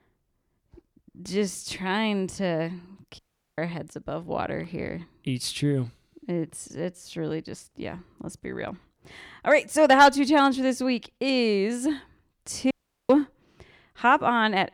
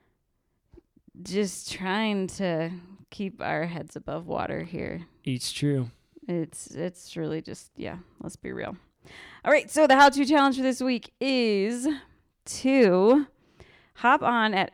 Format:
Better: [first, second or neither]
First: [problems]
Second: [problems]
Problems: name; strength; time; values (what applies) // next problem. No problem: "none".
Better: second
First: audio cutting out; at 3 s and at 13 s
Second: none